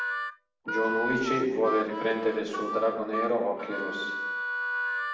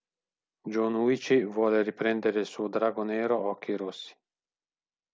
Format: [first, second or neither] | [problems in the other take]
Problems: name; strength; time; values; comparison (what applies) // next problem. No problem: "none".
second | background sound (Harmonica); 3 dB below the speech // room echo; dies away in 1.1 s